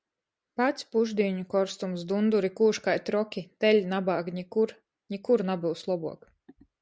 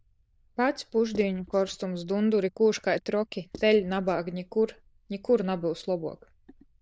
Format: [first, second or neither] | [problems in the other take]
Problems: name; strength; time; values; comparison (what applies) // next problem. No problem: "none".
first | noise reduction (neural diffusion model UNIVERSE++)